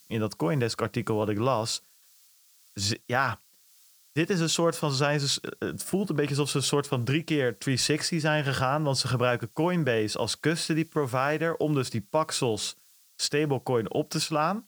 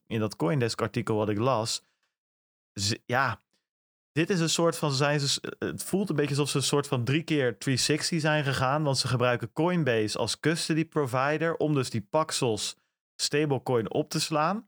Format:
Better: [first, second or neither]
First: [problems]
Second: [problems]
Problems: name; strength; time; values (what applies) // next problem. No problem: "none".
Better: second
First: hiss; faint; throughout; 30 dB below the speech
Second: none